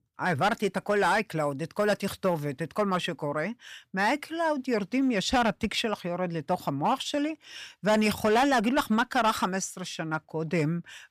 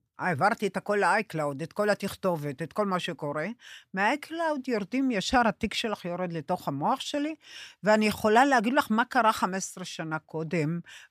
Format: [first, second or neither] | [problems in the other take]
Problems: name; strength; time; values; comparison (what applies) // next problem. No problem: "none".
second | distortion; slight; 5% of the sound clipped